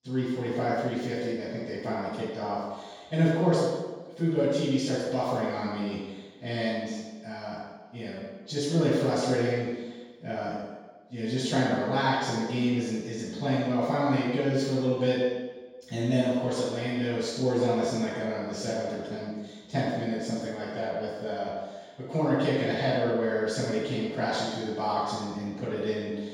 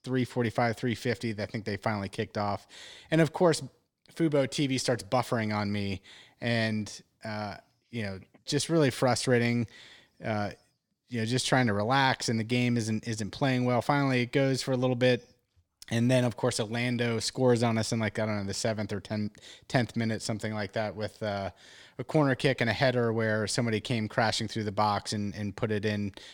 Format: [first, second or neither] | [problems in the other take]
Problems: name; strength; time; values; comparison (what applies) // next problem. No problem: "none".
second | room echo; strong; dies away in 1.2 s // off-mic speech; far